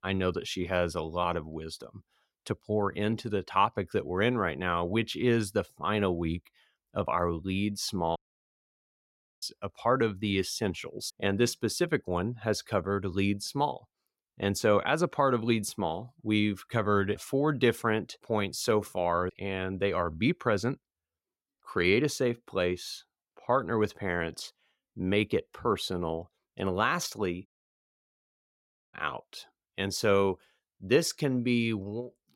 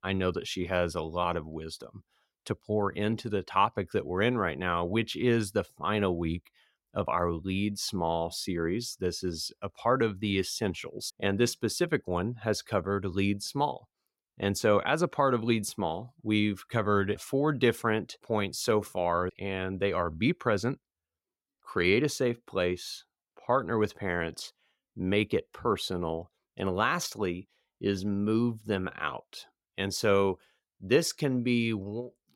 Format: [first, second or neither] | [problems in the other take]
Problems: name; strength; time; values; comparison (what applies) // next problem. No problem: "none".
second | audio cutting out; at 8 s for 1.5 s and at 27 s for 1.5 s